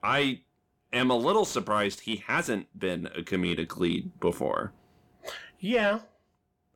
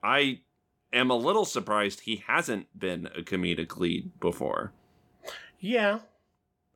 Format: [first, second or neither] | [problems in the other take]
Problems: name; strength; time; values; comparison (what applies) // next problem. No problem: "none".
second | distortion; slight; 10 dB below the speech